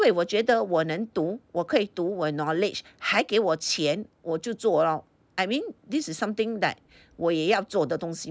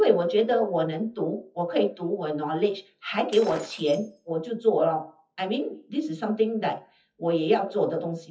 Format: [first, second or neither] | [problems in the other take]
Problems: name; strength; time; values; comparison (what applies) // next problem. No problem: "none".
first | noise reduction (classical method WPE with log-MMSE)